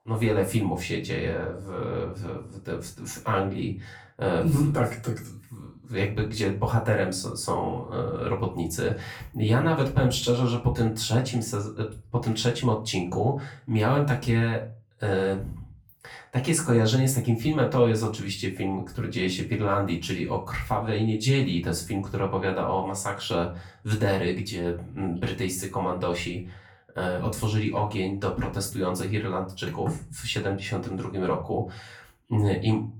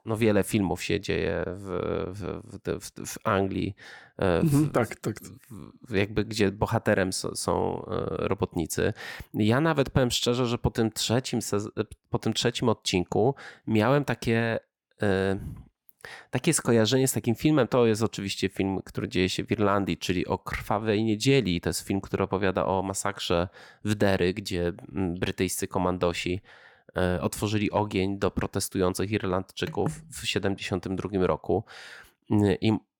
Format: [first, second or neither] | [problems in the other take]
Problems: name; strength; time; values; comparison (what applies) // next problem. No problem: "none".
second | off-mic speech; far // room echo; slight; dies away in 0.3 s